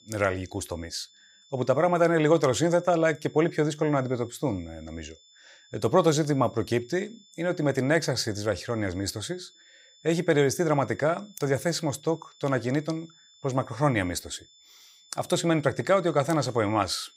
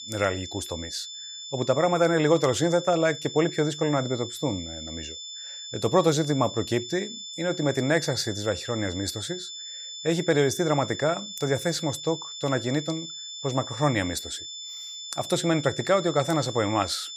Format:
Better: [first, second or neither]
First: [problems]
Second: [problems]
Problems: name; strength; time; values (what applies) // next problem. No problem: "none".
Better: first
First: high-pitched whine; faint; throughout; 3.5 kHz, 30 dB below the speech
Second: high-pitched whine; loud; throughout; 3.5 kHz, 10 dB below the speech